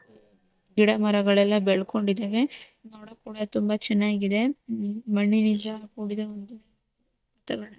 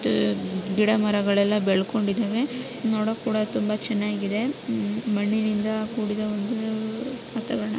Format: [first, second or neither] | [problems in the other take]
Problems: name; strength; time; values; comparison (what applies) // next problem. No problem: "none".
second | noise reduction (neural mask model DeepFilterNet 3)